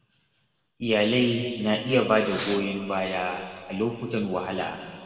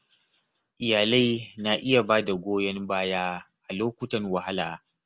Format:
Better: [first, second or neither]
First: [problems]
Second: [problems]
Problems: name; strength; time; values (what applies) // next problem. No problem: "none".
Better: second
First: background sound (Fireworks); 17 dB below the speech // room echo; dies away in 2 s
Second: none